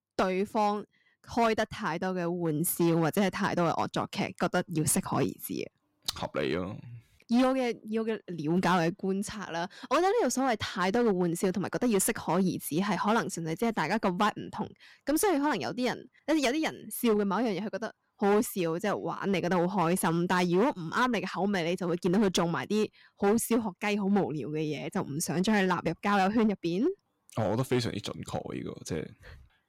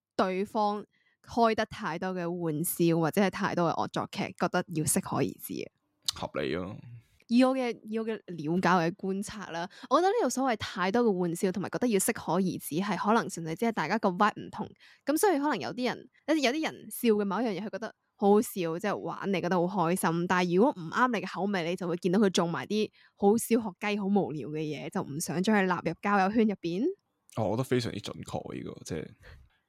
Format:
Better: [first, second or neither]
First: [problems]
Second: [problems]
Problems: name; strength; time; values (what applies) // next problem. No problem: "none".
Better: second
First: distortion; slight; 6% of the sound clipped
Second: none